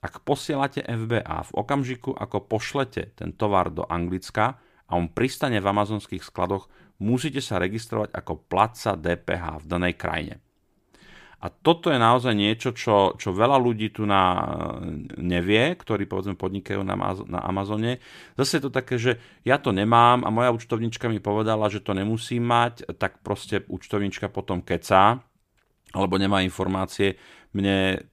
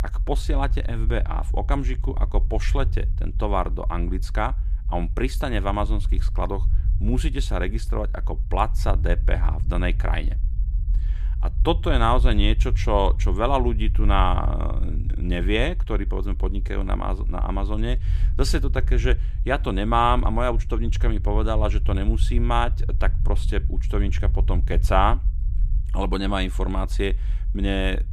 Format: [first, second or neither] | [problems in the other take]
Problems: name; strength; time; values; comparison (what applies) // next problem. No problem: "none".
first | low rumble; noticeable; throughout; 20 dB below the speech